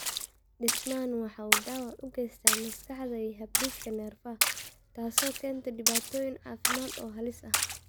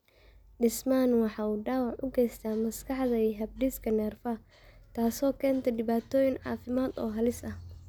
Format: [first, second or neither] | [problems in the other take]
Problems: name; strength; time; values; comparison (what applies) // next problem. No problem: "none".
second | background sound (Splash, splatter); 4 dB above the speech